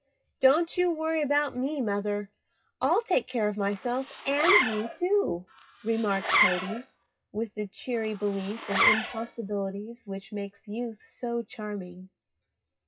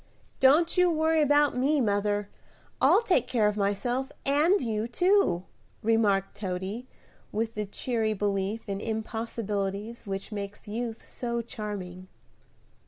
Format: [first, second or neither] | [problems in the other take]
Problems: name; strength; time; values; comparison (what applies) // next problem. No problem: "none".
second | noise reduction (classical method WPE with log-MMSE)